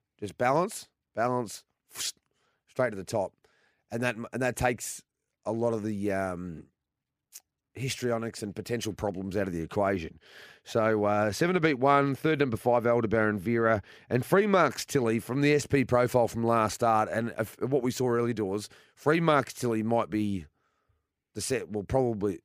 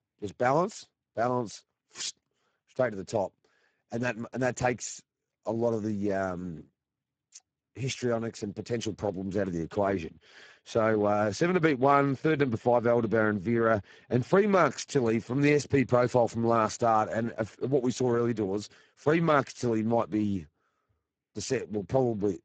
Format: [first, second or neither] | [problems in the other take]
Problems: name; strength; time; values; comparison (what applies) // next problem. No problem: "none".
first | garbled, watery; badly; nothing above 7.5 kHz